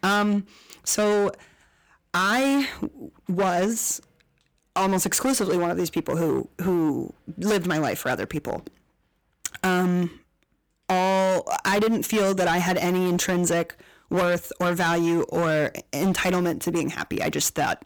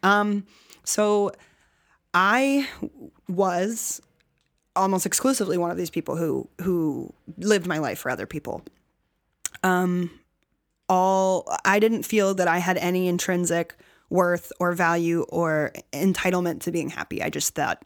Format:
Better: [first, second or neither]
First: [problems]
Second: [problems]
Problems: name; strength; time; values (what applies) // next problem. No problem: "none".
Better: second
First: distortion; heavy; 15% of the sound clipped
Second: none